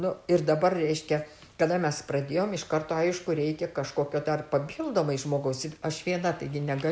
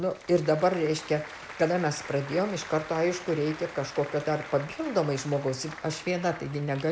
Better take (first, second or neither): first